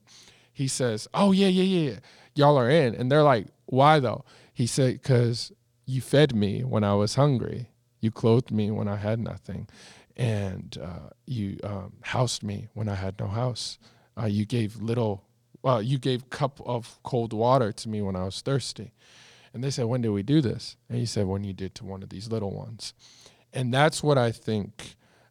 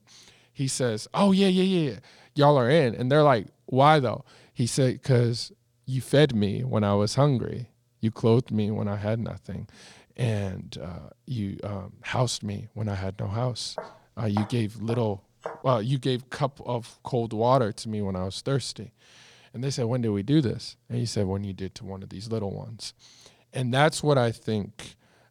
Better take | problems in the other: first | footsteps; faint; from 14 to 16 s; peak 10 dB below the speech

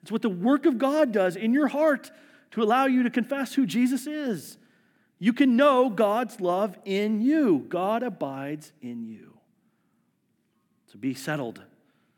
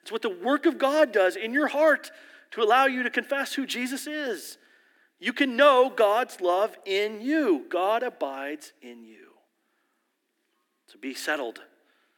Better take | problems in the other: first | thin; somewhat; fading below 300 Hz

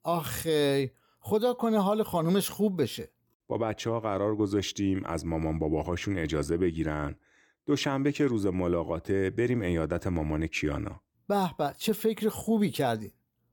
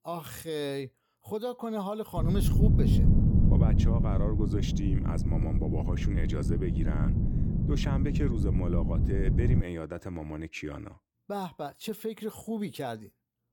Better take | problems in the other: first | wind noise on the microphone; heavy; from 2 to 9.5 s; 1 dB below the speech

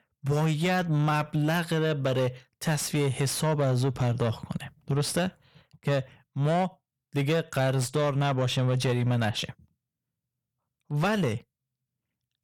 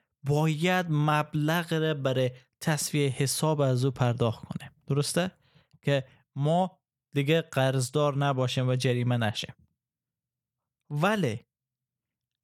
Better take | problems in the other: second | distortion; slight; 10 dB below the speech

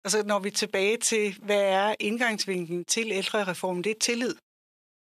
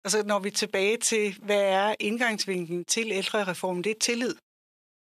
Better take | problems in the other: neither | thin; very slightly; fading below 900 Hz; the same in both

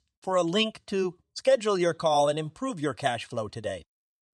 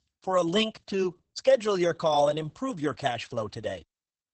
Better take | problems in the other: first | garbled, watery; badly; nothing above 8 kHz

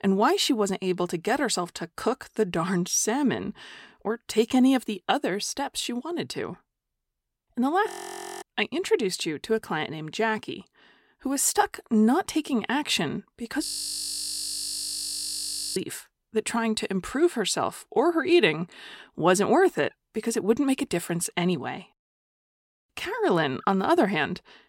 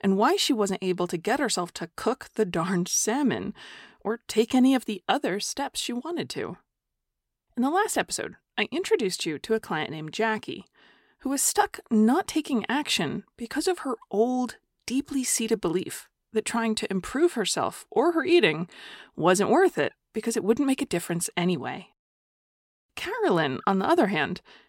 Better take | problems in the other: second | audio freezing; at 8 s for 0.5 s and at 14 s for 2 s

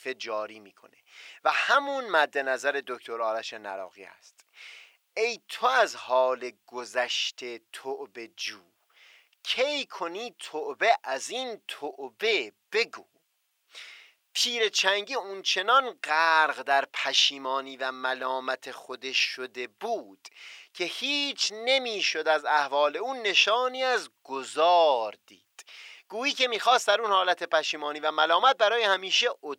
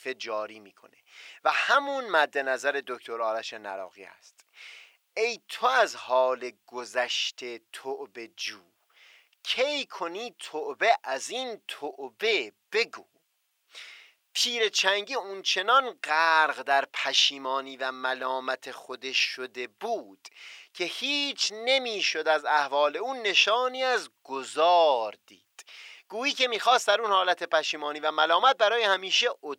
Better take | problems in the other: neither | thin; very; fading below 800 Hz; the same in both

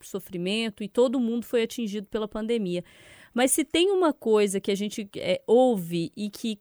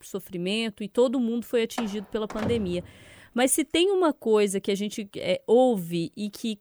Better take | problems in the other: first | door banging; noticeable; from 2 to 3 s; peak 8 dB below the speech

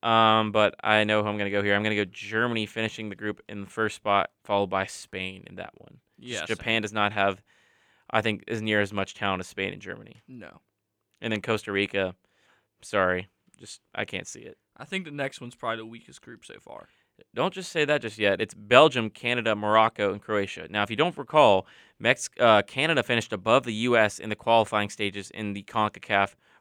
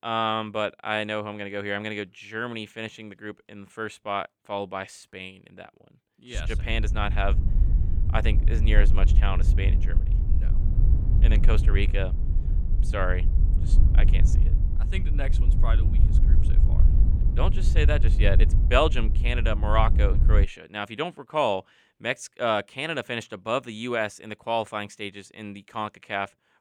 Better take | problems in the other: first | wind noise on the microphone; occasional gusts; from 6.5 to 20 s; 15 dB below the speech

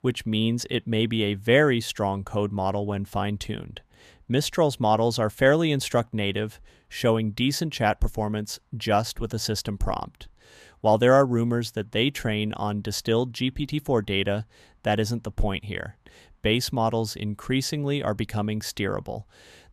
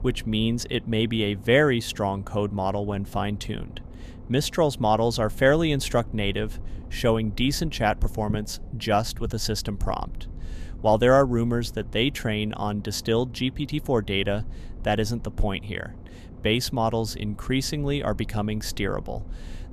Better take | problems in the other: first | low rumble; faint; throughout; 25 dB below the speech

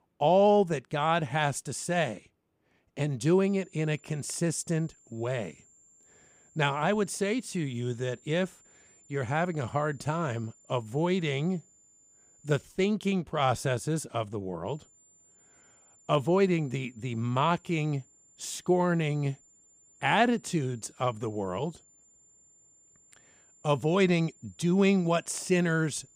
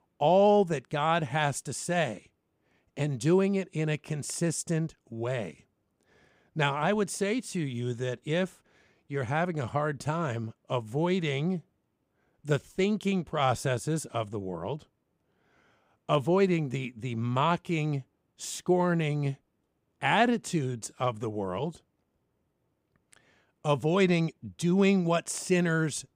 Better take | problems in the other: second | high-pitched whine; faint; from 3.5 to 13 s and from 15 s on; 7 kHz, 30 dB below the speech

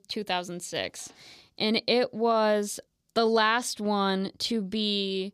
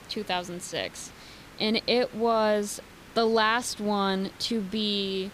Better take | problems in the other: first | hiss; faint; throughout; 20 dB below the speech

